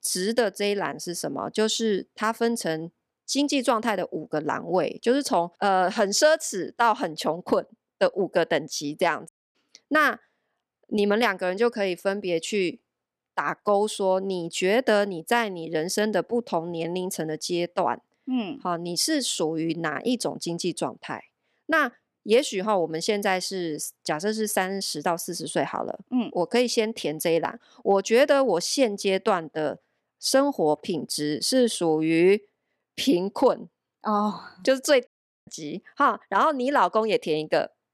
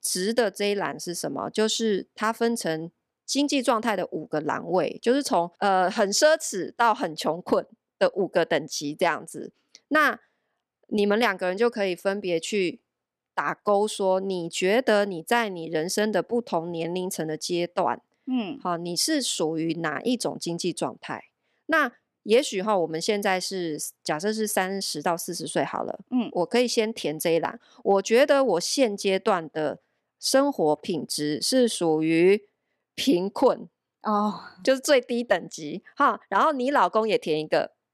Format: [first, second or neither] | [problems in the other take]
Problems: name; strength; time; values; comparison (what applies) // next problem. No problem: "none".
second | audio cutting out; at 9.5 s and at 35 s